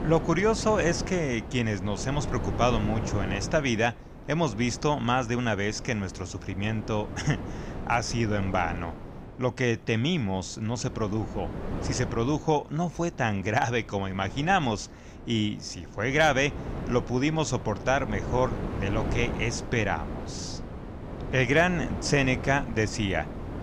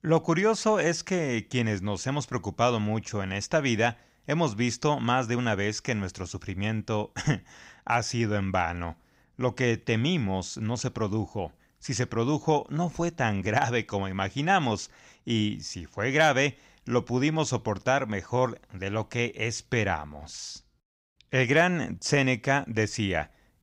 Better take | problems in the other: second | wind noise on the microphone; occasional gusts; 15 dB below the speech

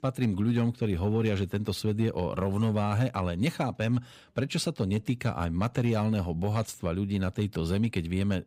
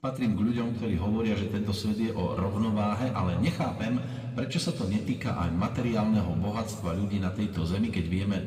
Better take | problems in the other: first | room echo; slight; dies away in 1.9 s // off-mic speech; somewhat distant

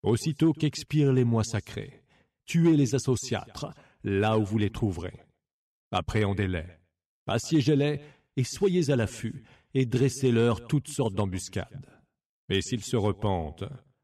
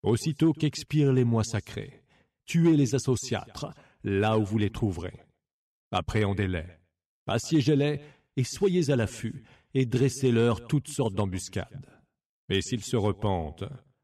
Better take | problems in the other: neither | none

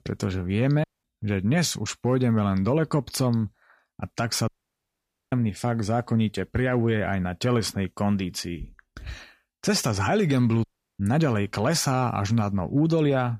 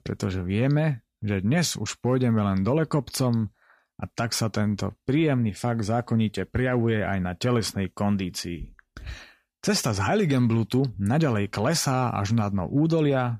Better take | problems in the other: second | audio cutting out; at 1 s, at 4.5 s for 1 s and at 11 s

